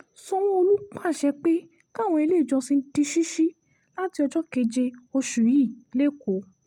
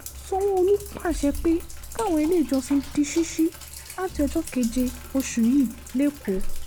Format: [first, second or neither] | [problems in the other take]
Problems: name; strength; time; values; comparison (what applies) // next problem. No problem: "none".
first | background sound (Sink (filling or washing)); 10 dB below the speech